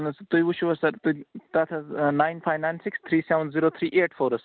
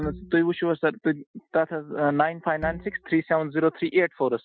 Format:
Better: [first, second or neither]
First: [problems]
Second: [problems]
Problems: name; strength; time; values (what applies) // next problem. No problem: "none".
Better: first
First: none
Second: noise reduction (classical method Wiener filter)